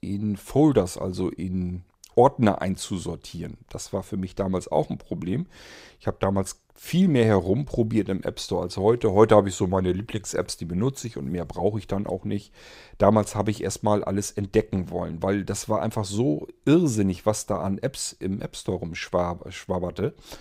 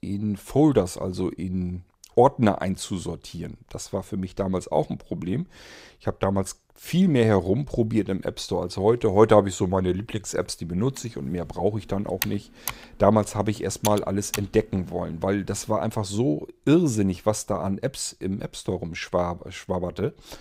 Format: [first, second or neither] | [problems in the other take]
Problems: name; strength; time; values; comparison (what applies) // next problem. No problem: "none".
first | keyboard typing; noticeable; from 11 to 14 s; peak 6 dB below the speech